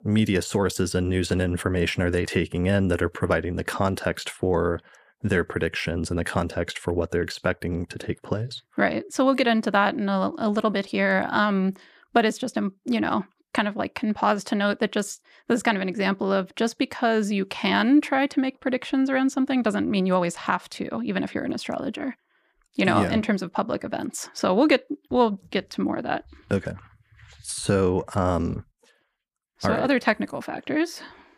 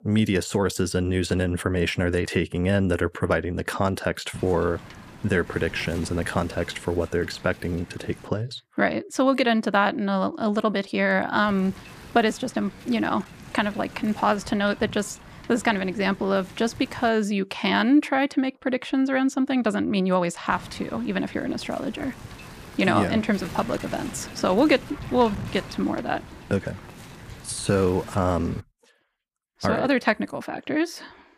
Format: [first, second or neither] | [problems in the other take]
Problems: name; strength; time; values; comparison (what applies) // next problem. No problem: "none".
first | wind noise on the microphone; occasional gusts; from 4.5 to 8.5 s, from 11 to 17 s and from 21 to 29 s; 20 dB below the speech